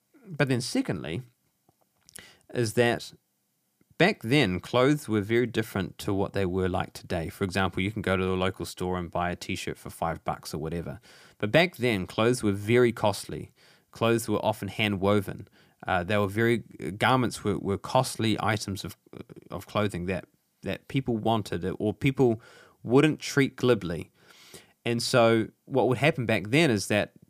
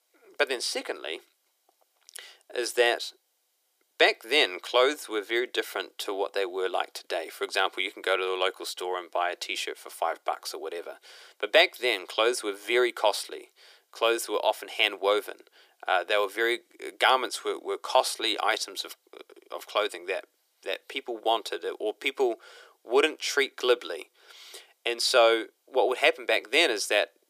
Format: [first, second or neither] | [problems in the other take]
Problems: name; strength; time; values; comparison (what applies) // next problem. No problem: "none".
first | thin; very; fading below 400 Hz